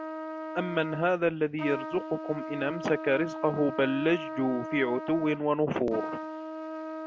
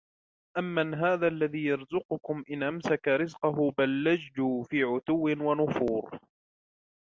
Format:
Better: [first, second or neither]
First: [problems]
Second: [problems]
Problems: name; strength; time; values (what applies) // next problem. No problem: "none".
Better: second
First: background sound (Trumpet); 8 dB below the speech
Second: none